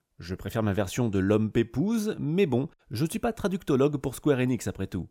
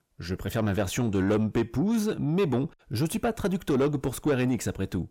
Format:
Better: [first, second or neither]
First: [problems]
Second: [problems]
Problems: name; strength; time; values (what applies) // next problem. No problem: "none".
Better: first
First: none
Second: distortion; slight; 10 dB below the speech